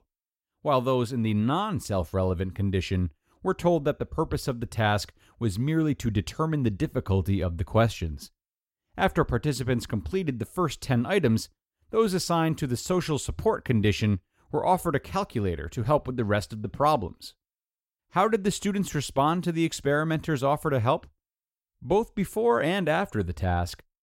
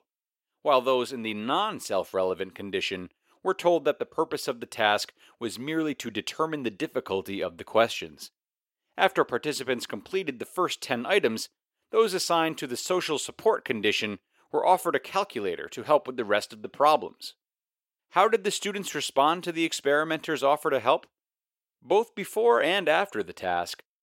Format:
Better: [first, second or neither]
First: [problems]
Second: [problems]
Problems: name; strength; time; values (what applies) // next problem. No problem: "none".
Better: first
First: none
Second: thin; somewhat; fading below 450 Hz